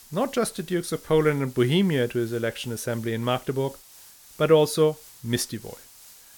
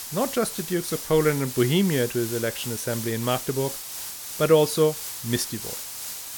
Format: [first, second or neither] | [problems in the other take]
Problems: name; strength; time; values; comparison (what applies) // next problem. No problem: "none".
first | hiss; loud; throughout; 8 dB below the speech; faint in the first